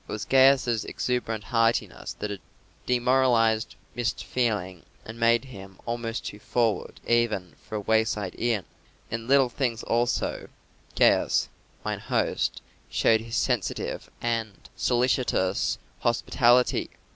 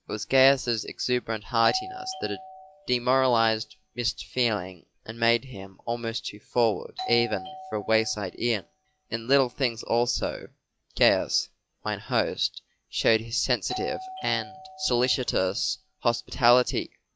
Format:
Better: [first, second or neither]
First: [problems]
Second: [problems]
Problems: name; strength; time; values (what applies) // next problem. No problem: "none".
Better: first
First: none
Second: noise reduction (classical method log-MMSE)